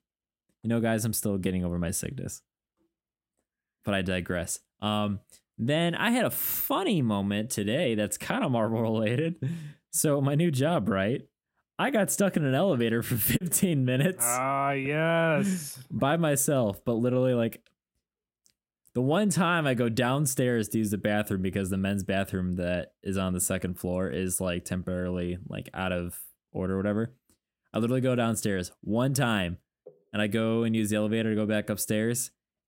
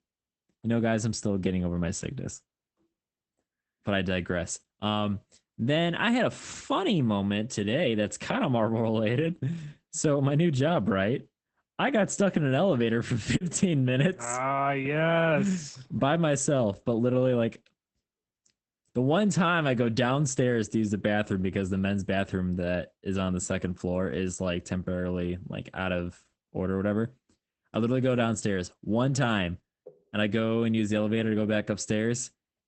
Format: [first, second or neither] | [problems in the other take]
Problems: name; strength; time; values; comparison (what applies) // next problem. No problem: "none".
first | garbled, watery; badly; nothing above 8 kHz